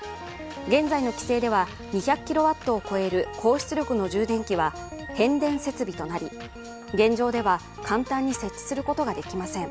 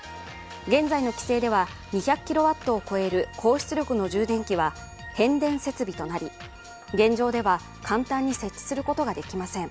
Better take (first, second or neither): second